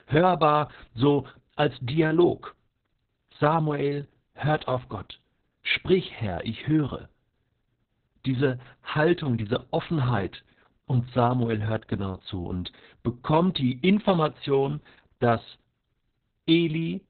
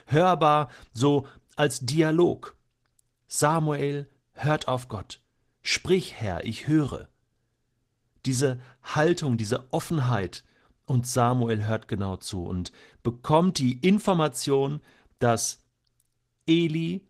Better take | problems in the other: second | garbled, watery; badly; nothing above 4 kHz; slightly in the second

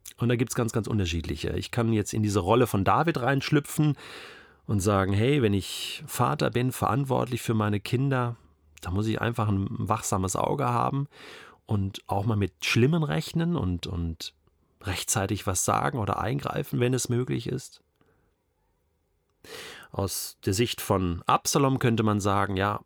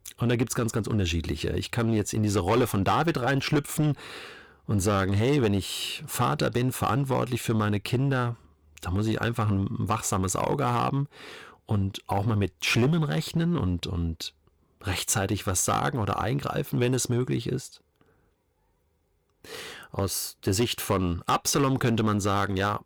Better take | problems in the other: first | distortion; slight; 6% of the sound clipped

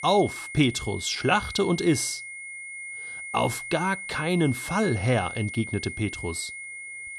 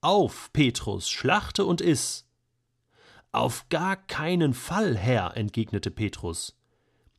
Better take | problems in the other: second | high-pitched whine; loud; throughout; 2 kHz, 9 dB below the speech

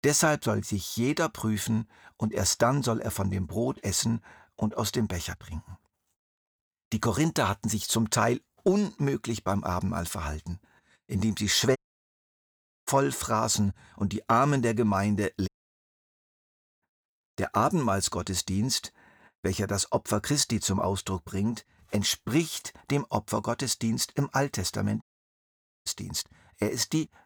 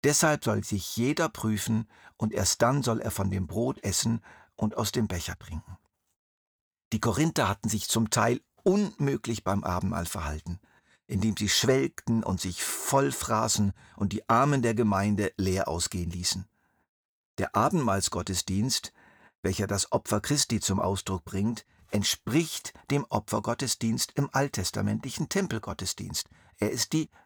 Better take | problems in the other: second | audio cutting out; at 12 s for 1 s, at 15 s for 1.5 s and at 25 s for 1 s

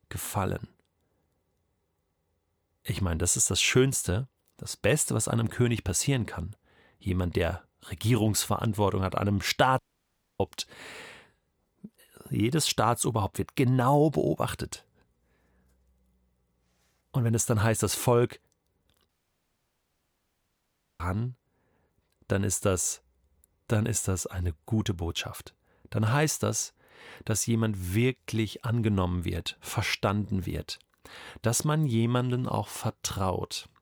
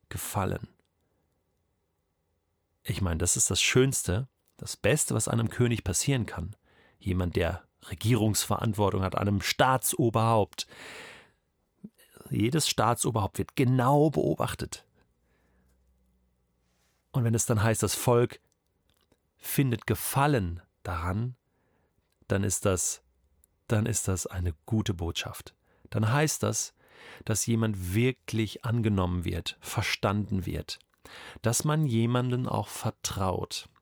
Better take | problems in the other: second | audio cutting out; at 10 s for 0.5 s and at 19 s for 2 s

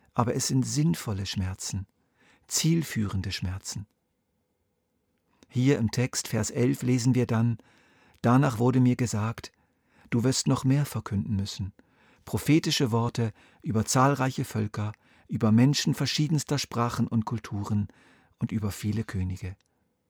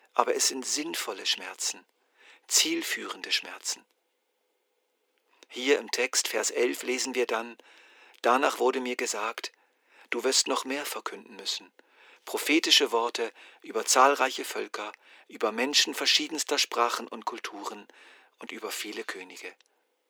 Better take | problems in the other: first | thin; very; fading below 350 Hz

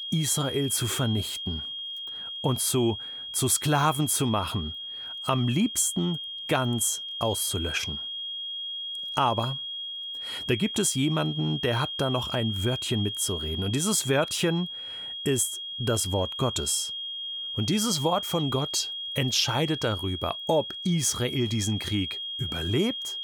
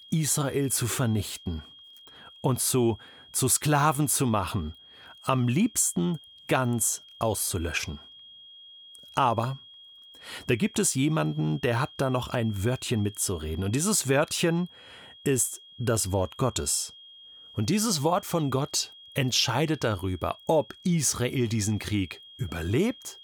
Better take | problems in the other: second | high-pitched whine; loud; throughout; 3.5 kHz, 5 dB below the speech; faint in the second

